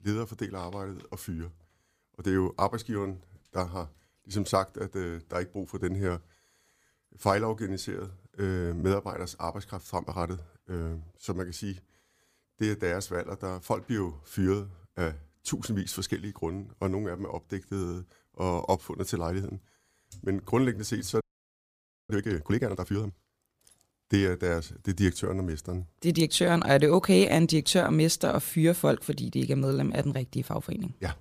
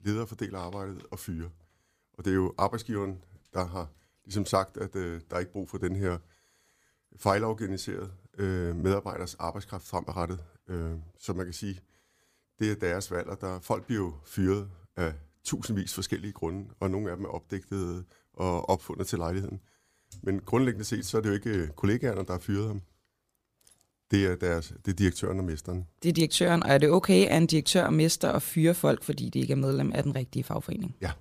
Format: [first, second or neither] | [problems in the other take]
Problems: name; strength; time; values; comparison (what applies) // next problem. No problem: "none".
second | audio freezing; at 21 s for 1 s